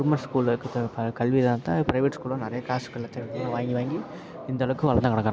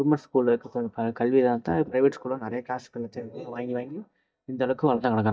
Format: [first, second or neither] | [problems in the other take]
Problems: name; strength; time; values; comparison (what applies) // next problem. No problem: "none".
first | noise reduction (neural mask model DeepFilterNet 3)